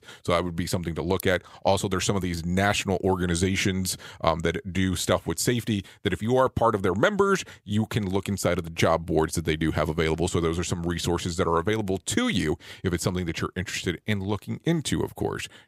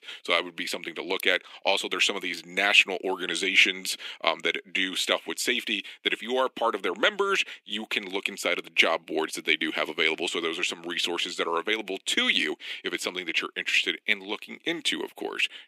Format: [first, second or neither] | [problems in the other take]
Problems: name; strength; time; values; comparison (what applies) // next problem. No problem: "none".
first | thin; somewhat; fading below 250 Hz